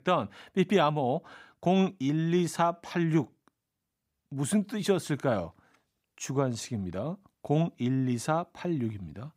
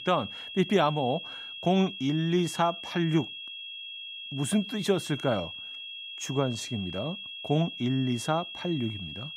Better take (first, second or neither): first